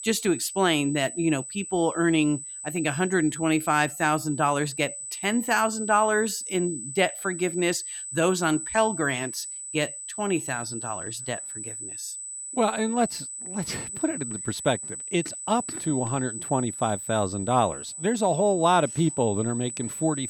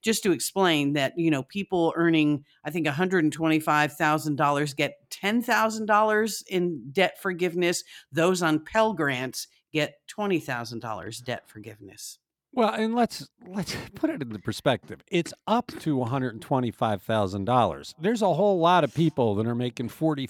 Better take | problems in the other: second | high-pitched whine; loud; throughout; 8 kHz, 8 dB below the speech

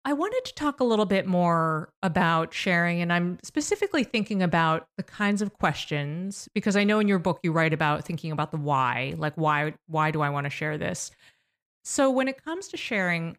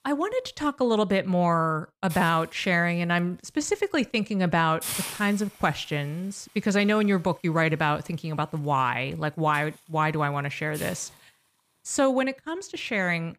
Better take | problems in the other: first | hiss; noticeable; throughout; 10 dB below the speech

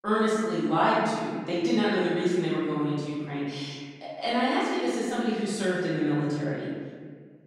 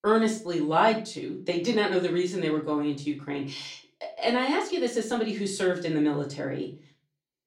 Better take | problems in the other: second | room echo; strong; dies away in 1.6 s; slight in the second // off-mic speech; far; far in the second

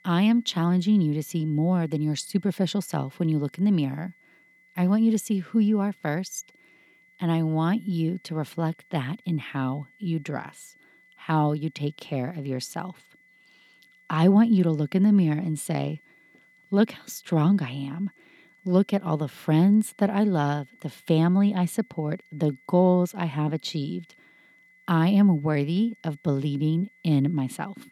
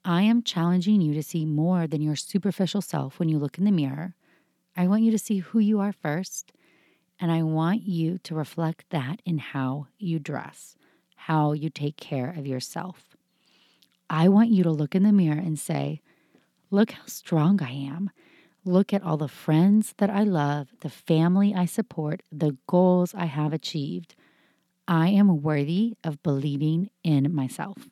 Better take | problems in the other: second | high-pitched whine; faint; throughout; 2 kHz, 30 dB below the speech

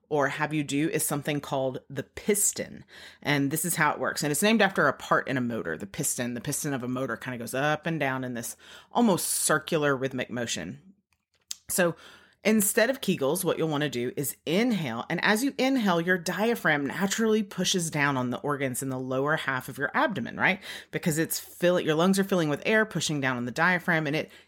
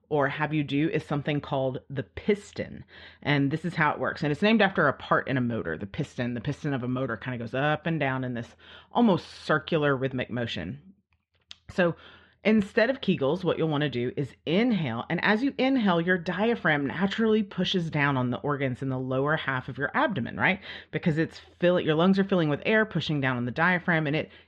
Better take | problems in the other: first | muffled; slightly; fading above 3.5 kHz

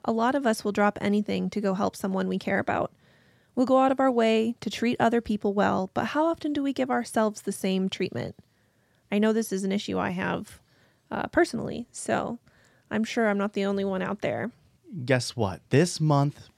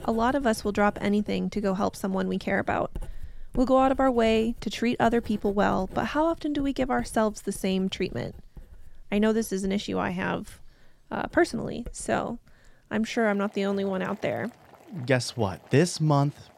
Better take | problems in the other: first | household noises; faint; throughout; 20 dB below the speech

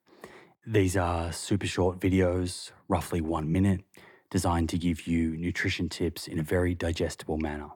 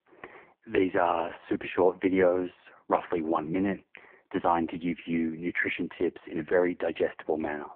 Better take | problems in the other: first | phone-call audio; poor line

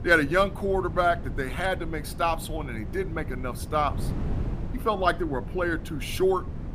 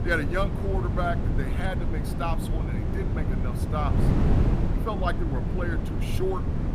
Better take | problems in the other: first | wind noise on the microphone; heavy; 4 dB below the speech; occasional gusts in the first

